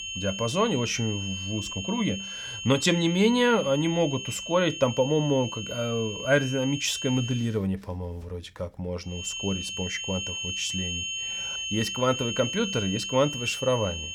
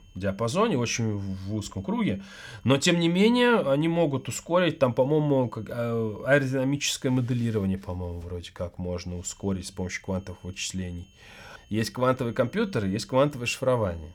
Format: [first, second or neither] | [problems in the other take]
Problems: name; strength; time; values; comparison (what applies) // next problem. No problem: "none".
second | high-pitched whine; loud; until 7.5 s and from 9 s on; 3 kHz, 5 dB below the speech; faint in the second